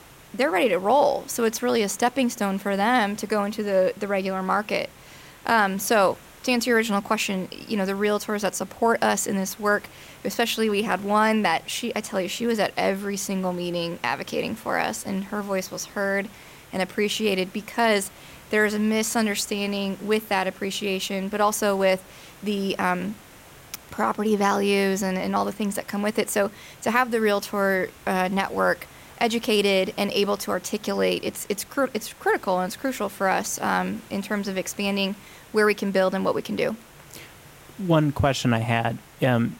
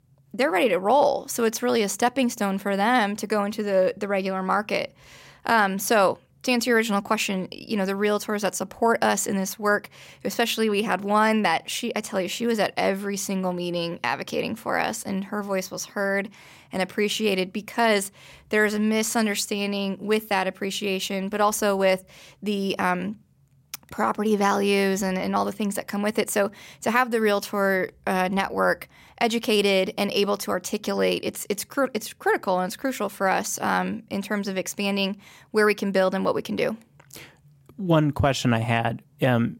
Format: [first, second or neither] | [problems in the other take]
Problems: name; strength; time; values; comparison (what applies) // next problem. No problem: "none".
second | hiss; faint; throughout; 25 dB below the speech